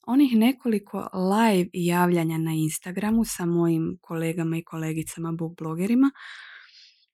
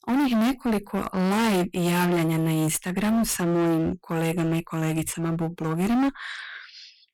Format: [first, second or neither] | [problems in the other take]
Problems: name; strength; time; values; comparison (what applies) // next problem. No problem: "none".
first | distortion; heavy; 27% of the sound clipped